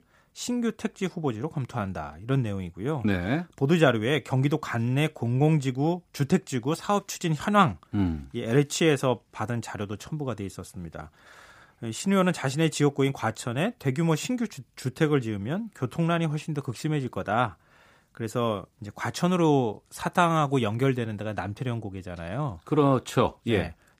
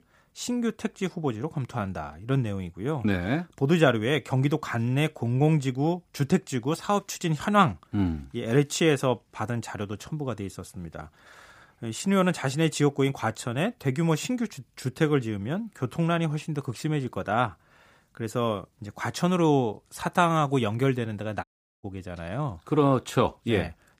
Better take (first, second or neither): first